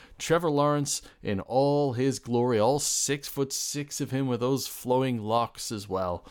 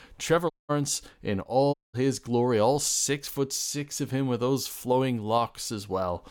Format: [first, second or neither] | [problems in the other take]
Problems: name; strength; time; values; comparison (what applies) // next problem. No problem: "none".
first | audio cutting out; at 0.5 s and at 1.5 s